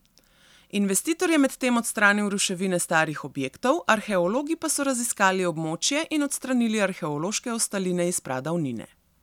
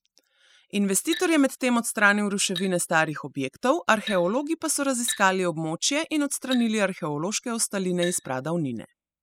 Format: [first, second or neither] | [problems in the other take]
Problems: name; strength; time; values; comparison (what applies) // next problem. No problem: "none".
first | noise reduction (classical method spectral subtraction)